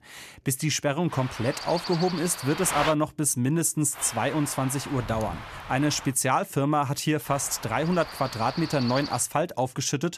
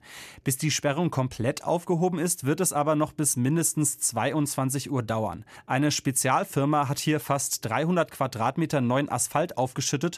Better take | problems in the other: second | wind noise on the microphone; heavy; from 1 to 3 s, from 4 to 6 s and from 7.5 to 9 s; 8 dB below the speech

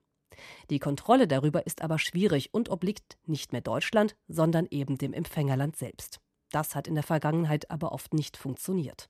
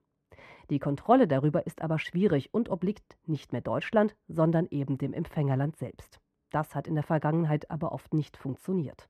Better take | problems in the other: first | muffled; very; fading above 3 kHz

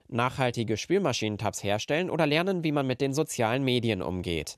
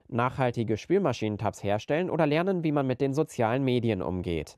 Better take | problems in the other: first | muffled; slightly; fading above 2.5 kHz

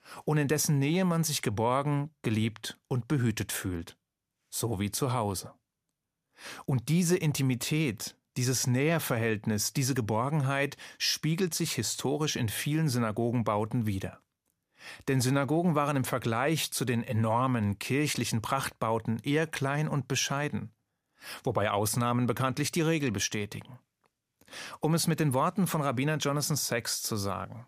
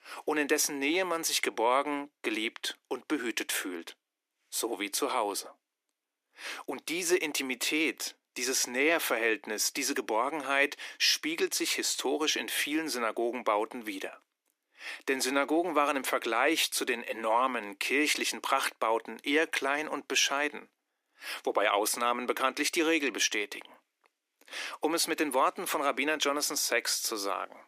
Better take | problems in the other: first | thin; somewhat; fading below 300 Hz

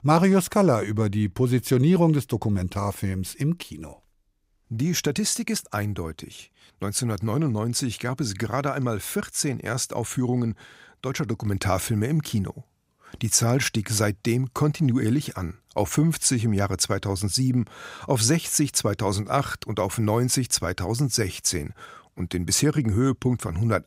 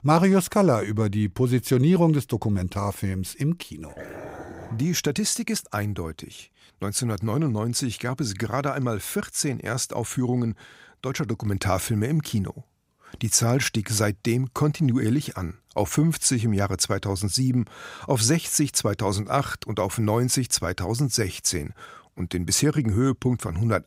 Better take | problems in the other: first | dog barking; faint; at 4 s; peak 15 dB below the speech

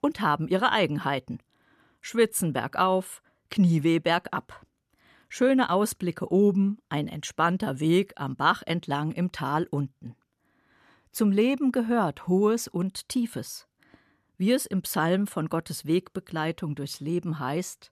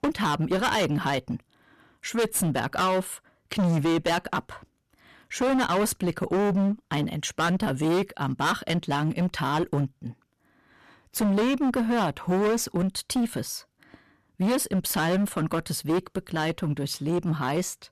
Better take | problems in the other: first | distortion; heavy; 17% of the sound clipped

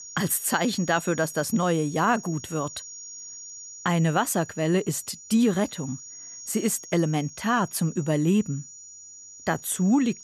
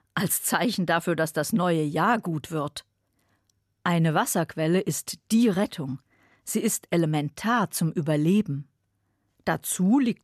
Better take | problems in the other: second | high-pitched whine; noticeable; throughout; 6.5 kHz, 15 dB below the speech

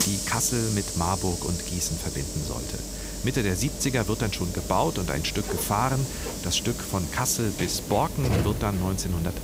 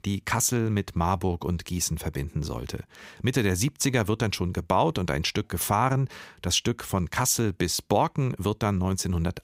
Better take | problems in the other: second | hiss; loud; throughout; 4 dB below the speech

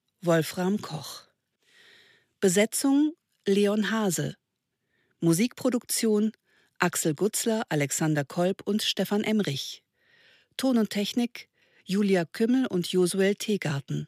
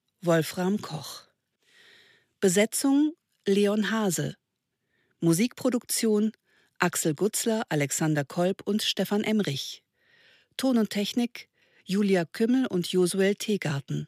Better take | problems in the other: neither | none

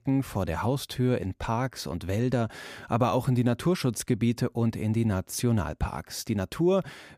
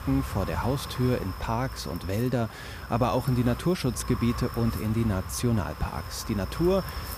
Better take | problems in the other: first | wind noise on the microphone; heavy; 9 dB below the speech

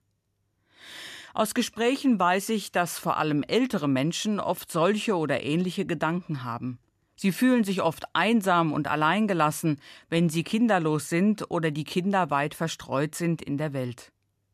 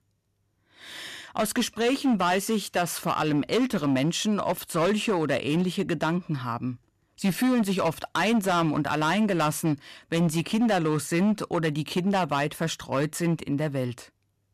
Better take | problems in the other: first | distortion; slight; 9% of the sound clipped

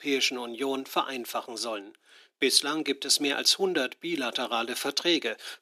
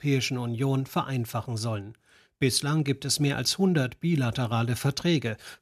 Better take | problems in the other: second | thin; somewhat; fading below 300 Hz

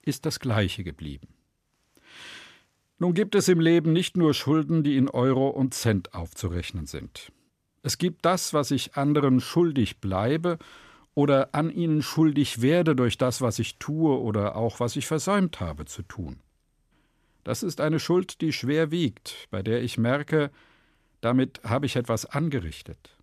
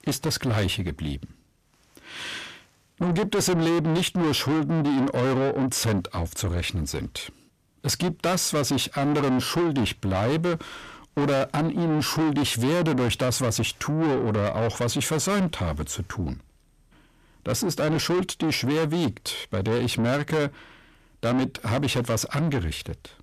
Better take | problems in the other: first | distortion; heavy; 6 dB below the speech

